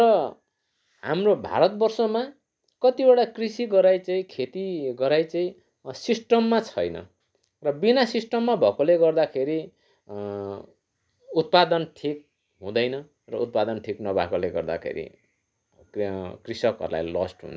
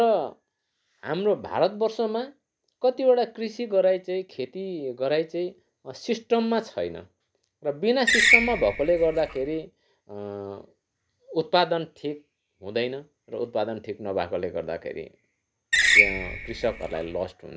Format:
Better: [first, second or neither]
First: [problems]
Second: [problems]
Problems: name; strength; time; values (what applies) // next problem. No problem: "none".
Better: first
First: none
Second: background sound (Screech); 4 dB above the speech